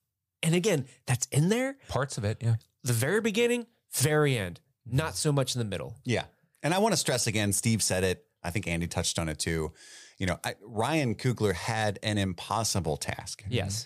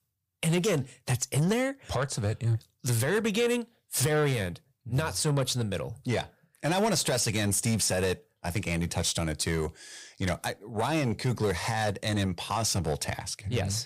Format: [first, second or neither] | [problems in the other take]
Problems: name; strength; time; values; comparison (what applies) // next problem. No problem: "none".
first | distortion; slight; 10 dB below the speech